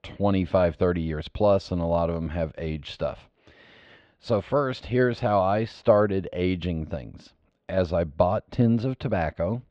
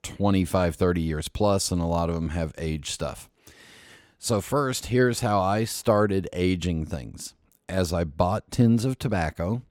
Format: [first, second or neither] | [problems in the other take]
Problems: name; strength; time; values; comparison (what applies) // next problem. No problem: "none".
second | muffled; very; fading above 4 kHz